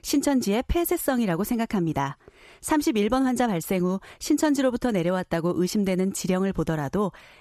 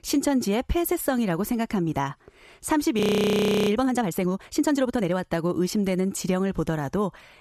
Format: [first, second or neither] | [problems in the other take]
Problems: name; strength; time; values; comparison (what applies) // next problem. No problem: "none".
first | audio freezing; at 3 s for 0.5 s